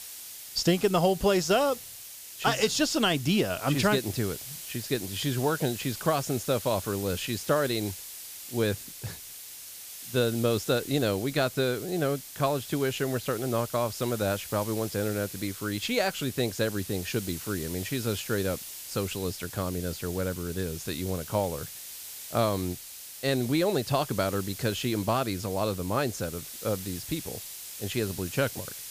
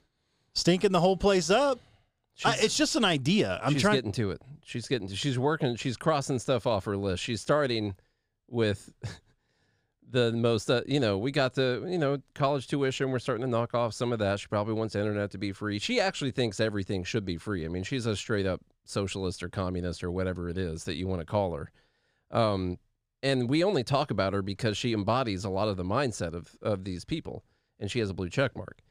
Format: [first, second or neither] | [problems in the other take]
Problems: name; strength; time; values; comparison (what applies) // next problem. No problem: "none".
second | hiss; noticeable; throughout; 10 dB below the speech